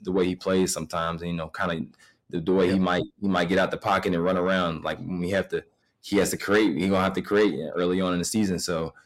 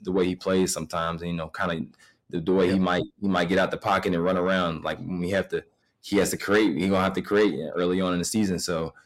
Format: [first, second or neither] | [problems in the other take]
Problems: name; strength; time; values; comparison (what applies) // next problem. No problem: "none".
neither | distortion; slight; 10 dB below the speech; the same in both